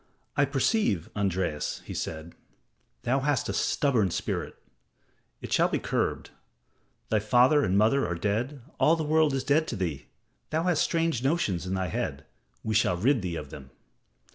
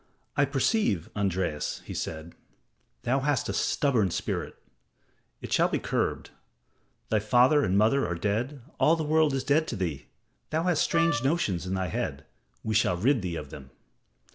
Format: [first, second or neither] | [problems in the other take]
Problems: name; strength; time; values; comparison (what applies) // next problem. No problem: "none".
first | background sound (Wind instrument, woodwind instrument); 5 dB below the speech